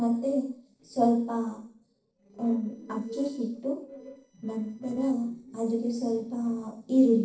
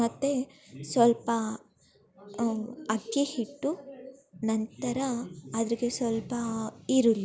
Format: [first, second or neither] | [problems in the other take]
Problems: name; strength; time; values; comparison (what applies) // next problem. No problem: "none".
second | noise reduction (neural separator model SepFormer DNS4)